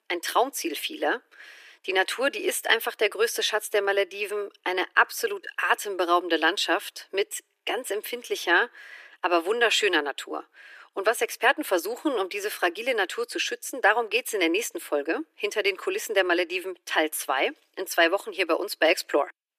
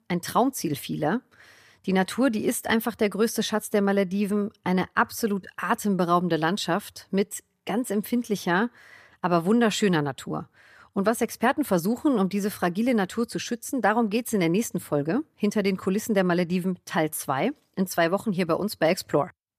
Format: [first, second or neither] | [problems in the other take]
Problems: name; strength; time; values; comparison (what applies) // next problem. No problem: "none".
second | thin; very; fading below 300 Hz